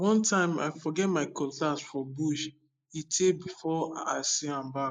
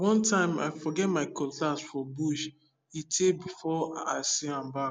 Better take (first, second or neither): second